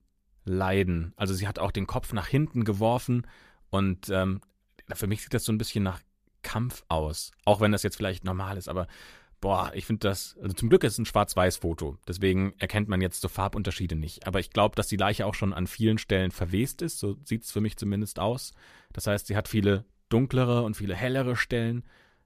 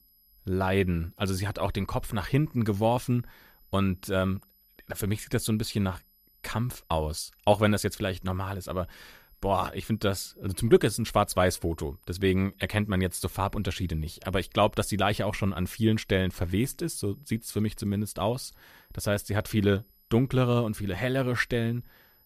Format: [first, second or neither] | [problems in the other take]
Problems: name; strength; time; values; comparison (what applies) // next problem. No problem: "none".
first | high-pitched whine; faint; throughout; 12 kHz, 30 dB below the speech